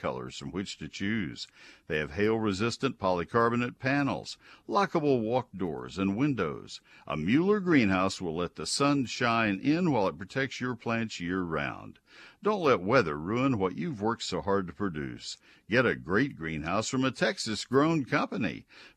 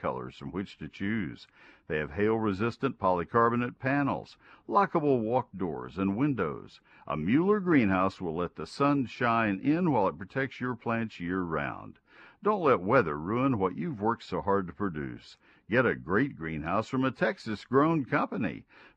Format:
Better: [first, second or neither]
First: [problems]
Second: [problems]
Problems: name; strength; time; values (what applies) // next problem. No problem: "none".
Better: first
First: none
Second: muffled; very; fading above 4 kHz